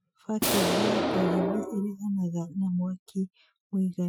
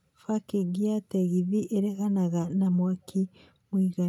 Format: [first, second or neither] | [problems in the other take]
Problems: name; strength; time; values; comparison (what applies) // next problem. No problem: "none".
second | noise reduction (classical method Wiener filter)